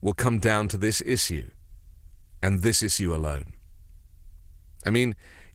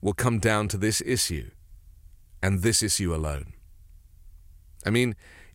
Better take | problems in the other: second | garbled, watery; slightly; nothing above 16 kHz

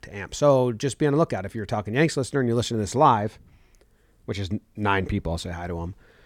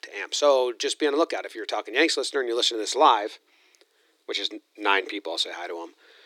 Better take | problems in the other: first | thin; very; fading below 300 Hz

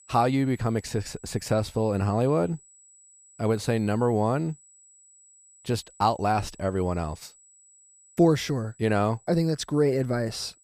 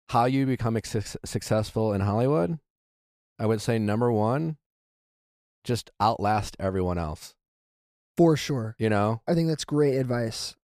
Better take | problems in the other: second | high-pitched whine; faint; throughout; 8 kHz, 25 dB below the speech

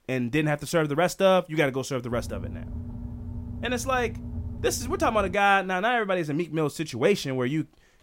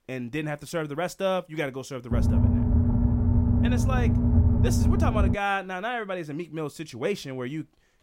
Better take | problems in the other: first | low rumble; loud; from 2 to 5.5 s; 2 dB below the speech; faint in the first

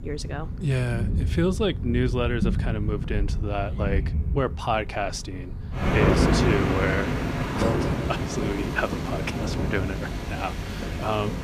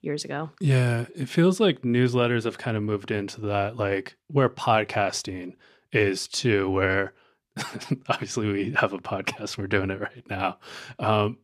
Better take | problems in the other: second | rain or running water; very loud; throughout; 2 dB above the speech

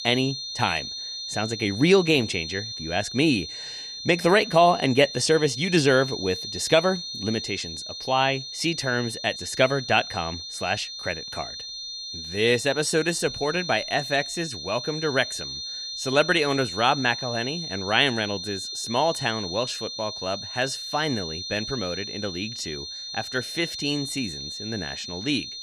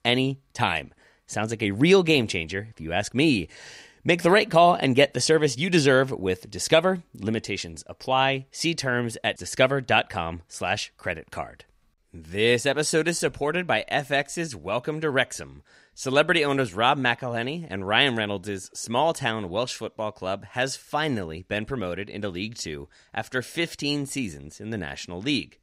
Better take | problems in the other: second | high-pitched whine; loud; throughout; 4 kHz, 7 dB below the speech

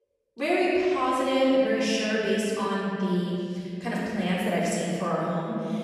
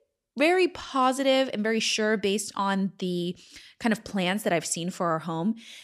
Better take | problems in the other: second | off-mic speech; far // room echo; strong; dies away in 2.7 s

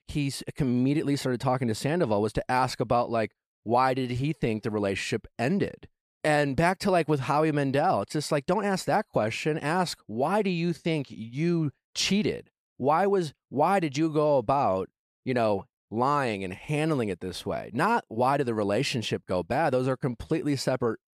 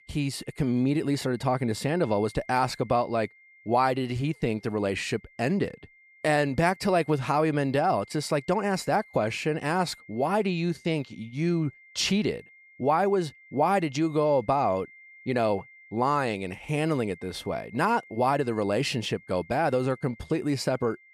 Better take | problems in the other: first | high-pitched whine; faint; throughout; 2 kHz, 25 dB below the speech

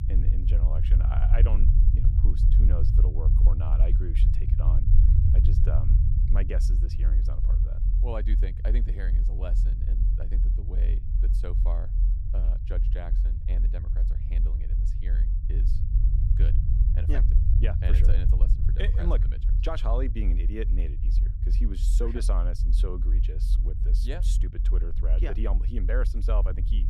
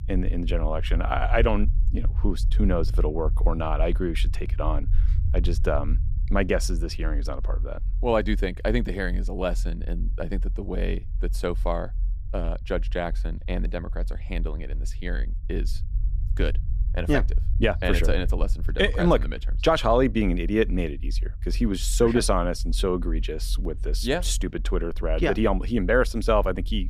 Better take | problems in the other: second | low rumble; loud; throughout; 4 dB below the speech; faint in the second

